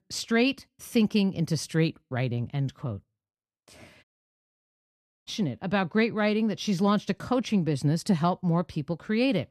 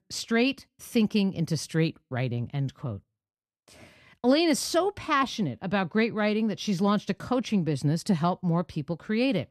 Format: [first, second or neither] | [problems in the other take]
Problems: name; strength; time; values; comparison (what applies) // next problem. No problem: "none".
second | audio cutting out; at 4 s for 1 s